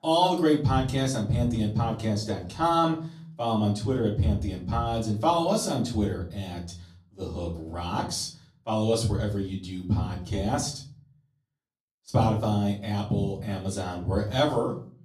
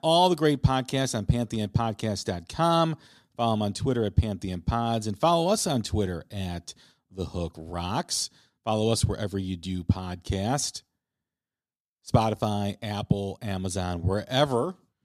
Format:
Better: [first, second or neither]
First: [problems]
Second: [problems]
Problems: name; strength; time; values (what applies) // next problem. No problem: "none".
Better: second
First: off-mic speech; far // room echo; slight; dies away in 0.4 s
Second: none